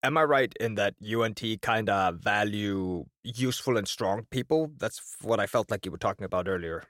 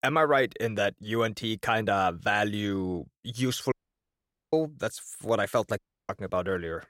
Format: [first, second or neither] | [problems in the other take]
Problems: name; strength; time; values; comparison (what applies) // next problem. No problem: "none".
first | audio cutting out; at 3.5 s for 1 s and at 6 s